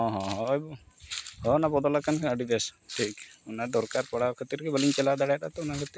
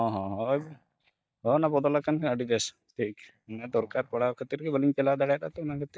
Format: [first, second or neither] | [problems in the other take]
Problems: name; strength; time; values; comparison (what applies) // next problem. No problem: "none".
first | noise reduction (neural mask model DeepFilterNet 3)